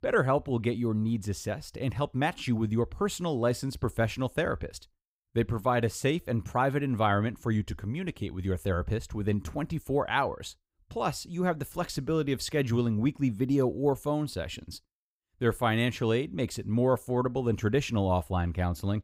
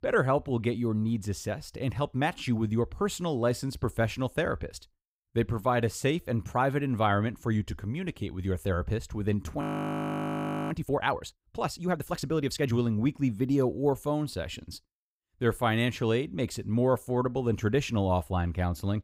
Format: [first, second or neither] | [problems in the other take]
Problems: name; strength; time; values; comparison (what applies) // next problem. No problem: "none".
first | audio freezing; at 9.5 s for 1 s